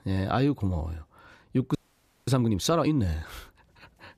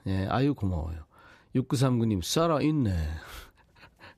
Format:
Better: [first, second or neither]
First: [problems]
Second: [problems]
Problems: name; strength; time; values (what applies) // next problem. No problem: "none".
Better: second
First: audio freezing; at 2 s for 0.5 s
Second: none